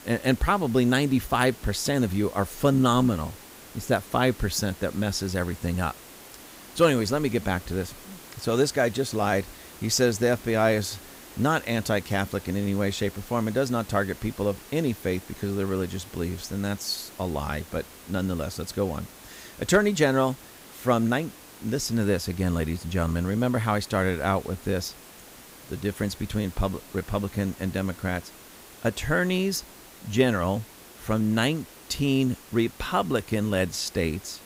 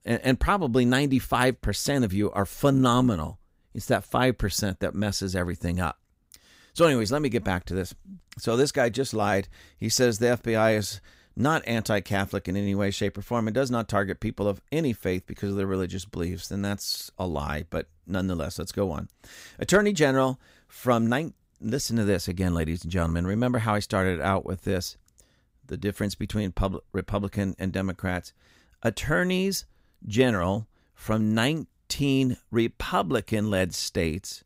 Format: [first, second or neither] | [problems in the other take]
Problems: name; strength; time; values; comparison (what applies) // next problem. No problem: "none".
second | hiss; noticeable; throughout; 20 dB below the speech